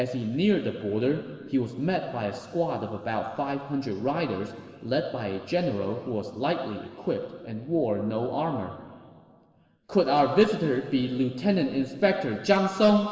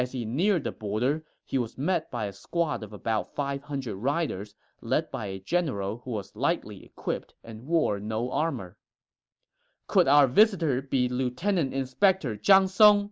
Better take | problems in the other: second | room echo; dies away in 2.8 s

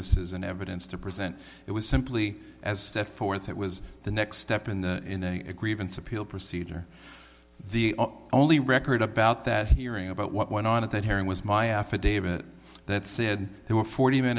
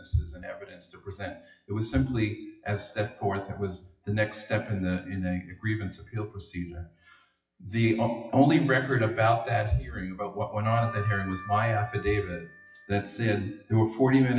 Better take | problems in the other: first | noise reduction (classical method WPE with log-MMSE)

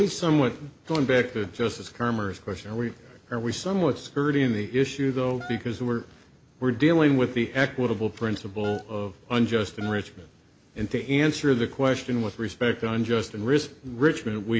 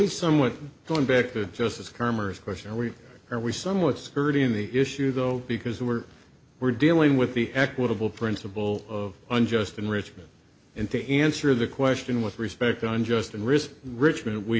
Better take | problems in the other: second | background sound (Wind instrument, woodwind instrument); 18 dB below the speech

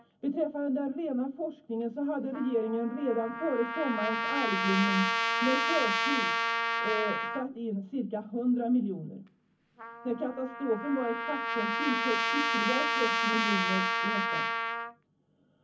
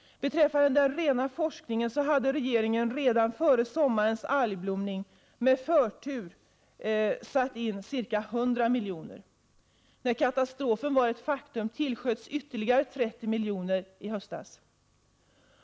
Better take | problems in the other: second | background sound (Trumpet); as loud as the speech // room echo; dies away in 0.3 s

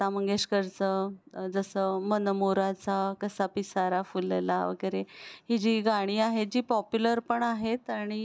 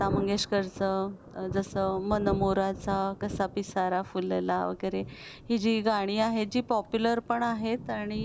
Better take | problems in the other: first | background sound (Thunder); 11 dB below the speech

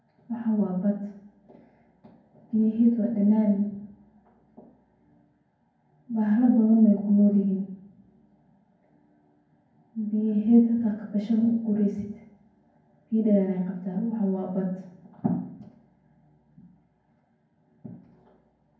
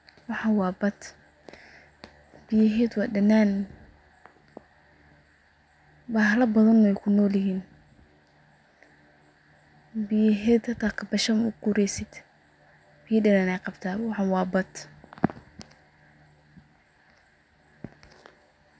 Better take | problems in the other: second | room echo; dies away in 0.9 s

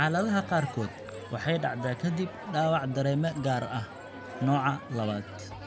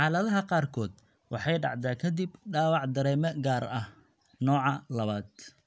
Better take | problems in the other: second | background sound (Crowd); 12 dB below the speech

